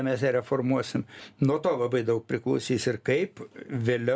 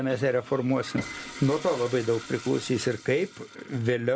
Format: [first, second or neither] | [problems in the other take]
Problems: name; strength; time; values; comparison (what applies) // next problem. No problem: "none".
first | background sound (Toilet flush + Piano); 16 dB below the speech